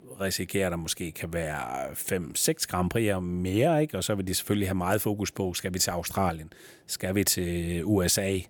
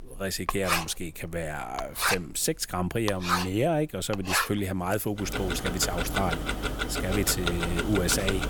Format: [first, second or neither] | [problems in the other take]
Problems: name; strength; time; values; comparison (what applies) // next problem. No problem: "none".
first | household noises; loud; throughout; 1 dB below the speech